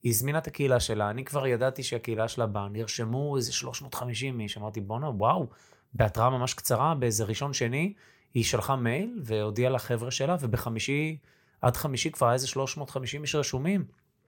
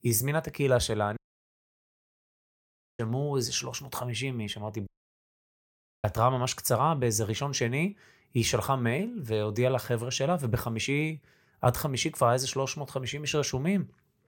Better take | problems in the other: first | audio cutting out; at 1 s for 2 s and at 5 s for 1 s

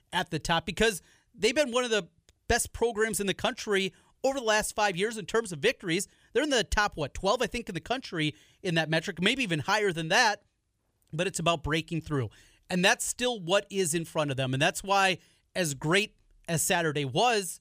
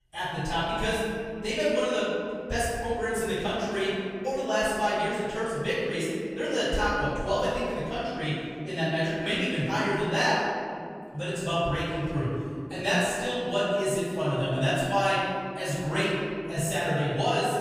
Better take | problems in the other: first | off-mic speech; far // room echo; strong; dies away in 2.6 s

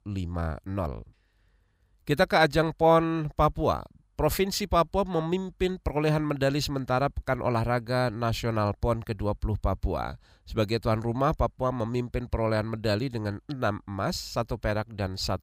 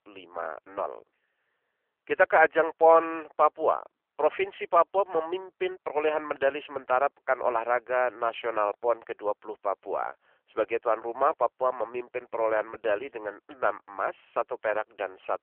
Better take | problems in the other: first | phone-call audio; poor line

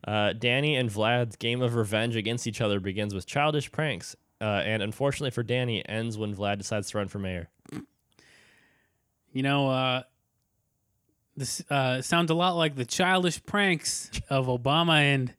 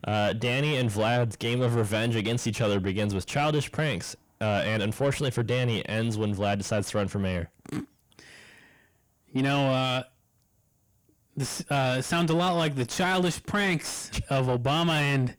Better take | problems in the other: first | distortion; heavy; 7 dB below the speech

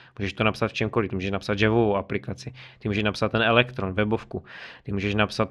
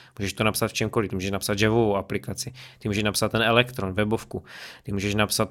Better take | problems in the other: second | muffled; slightly; fading above 3 kHz

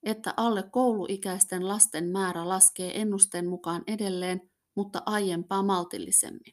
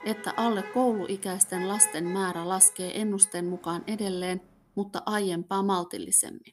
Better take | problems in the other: first | traffic noise; noticeable; throughout; 20 dB below the speech

